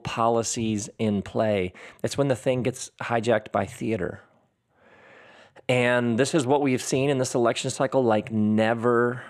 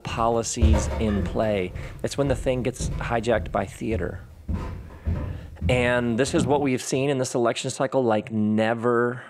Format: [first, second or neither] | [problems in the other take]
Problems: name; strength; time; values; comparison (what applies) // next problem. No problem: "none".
first | footsteps; loud; until 6.5 s; peak 2 dB above the speech